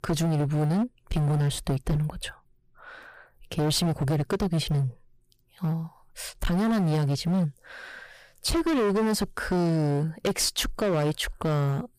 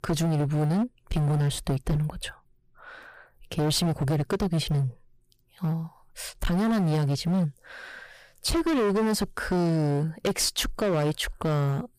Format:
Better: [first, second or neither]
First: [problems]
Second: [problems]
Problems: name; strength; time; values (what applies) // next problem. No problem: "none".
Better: neither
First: distortion; heavy; 19% of the sound clipped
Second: distortion; heavy; 19% of the sound clipped